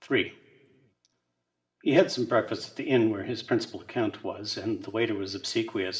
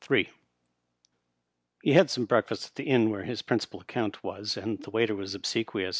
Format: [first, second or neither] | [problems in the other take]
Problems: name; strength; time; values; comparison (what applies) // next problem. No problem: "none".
second | room echo; dies away in 1.3 s